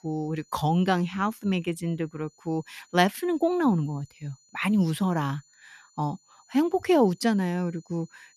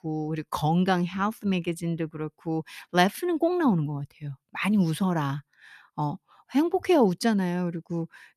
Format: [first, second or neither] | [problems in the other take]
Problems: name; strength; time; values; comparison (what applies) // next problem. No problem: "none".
second | high-pitched whine; faint; throughout; 7 kHz, 30 dB below the speech